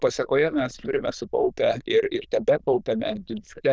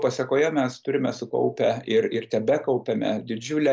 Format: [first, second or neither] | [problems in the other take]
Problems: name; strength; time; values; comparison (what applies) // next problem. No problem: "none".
second | noise reduction (neural diffusion model UNIVERSE++)